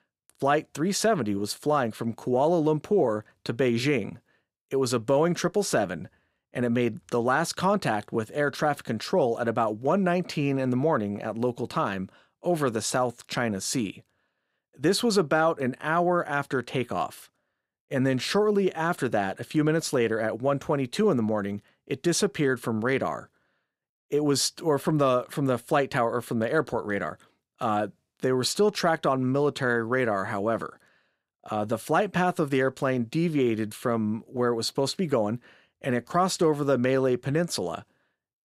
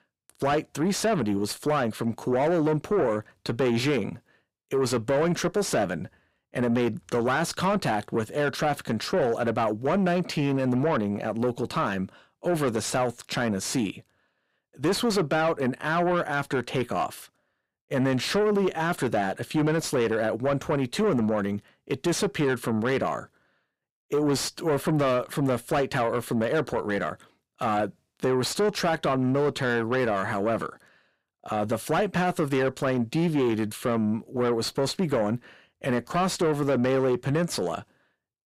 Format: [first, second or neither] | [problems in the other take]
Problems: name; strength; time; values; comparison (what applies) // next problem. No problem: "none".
first | distortion; slight; 10 dB below the speech